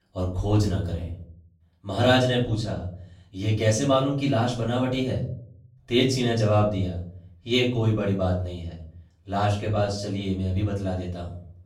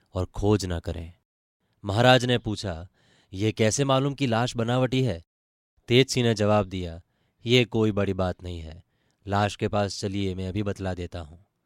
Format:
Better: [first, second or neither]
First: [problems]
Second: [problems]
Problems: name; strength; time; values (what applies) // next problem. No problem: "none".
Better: second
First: off-mic speech; far // room echo; slight; dies away in 0.6 s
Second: none